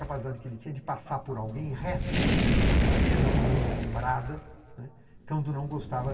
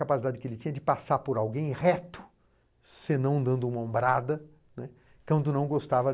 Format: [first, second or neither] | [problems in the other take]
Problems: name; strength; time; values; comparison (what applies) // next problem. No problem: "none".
second | background sound (Fire); 5 dB above the speech // room echo; dies away in 1.9 s